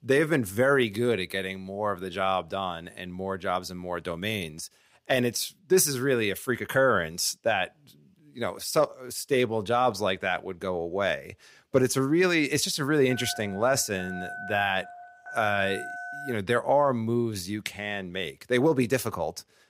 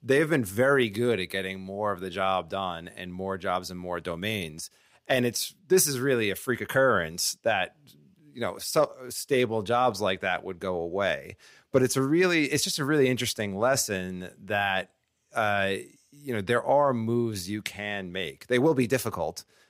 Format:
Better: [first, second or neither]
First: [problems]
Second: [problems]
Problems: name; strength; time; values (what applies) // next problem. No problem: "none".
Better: second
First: phone ringing; noticeable; from 13 to 16 s; peak 9 dB below the speech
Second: none